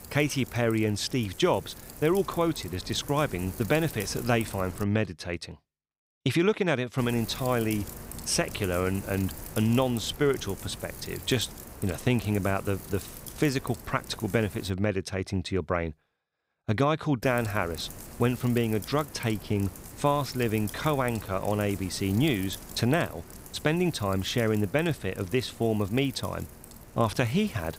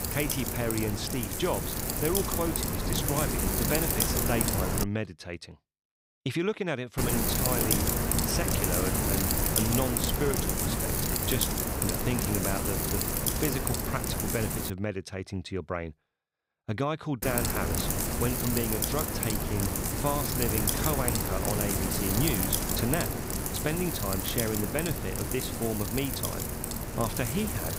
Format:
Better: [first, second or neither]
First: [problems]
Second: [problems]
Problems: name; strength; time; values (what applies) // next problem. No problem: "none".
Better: first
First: wind noise on the microphone; occasional gusts; until 5 s, from 7 to 15 s and from 17 s on; 15 dB below the speech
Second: wind noise on the microphone; heavy; until 5 s, from 7 to 15 s and from 17 s on; 2 dB above the speech